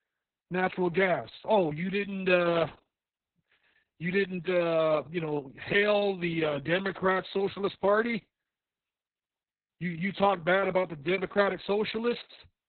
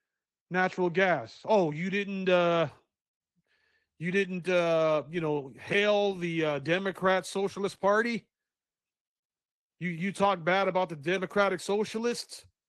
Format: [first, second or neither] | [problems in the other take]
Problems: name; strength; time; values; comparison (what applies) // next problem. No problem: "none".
second | garbled, watery; badly; nothing above 4 kHz; slightly in the second